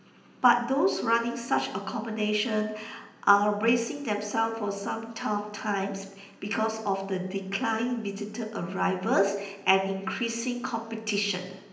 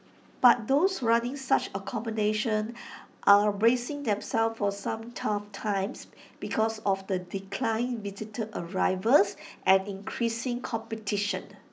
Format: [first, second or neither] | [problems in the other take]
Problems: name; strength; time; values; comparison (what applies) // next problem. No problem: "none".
second | room echo; dies away in 0.8 s